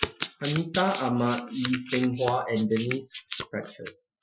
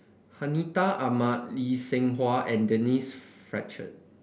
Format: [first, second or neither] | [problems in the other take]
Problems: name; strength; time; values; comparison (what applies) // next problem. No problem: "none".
second | noise reduction (classical method Wiener filter)